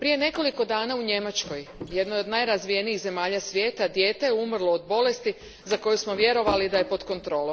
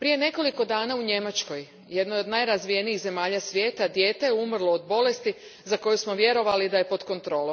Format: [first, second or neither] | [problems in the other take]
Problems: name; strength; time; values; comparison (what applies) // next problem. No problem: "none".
second | background sound (Door); 18 dB below the speech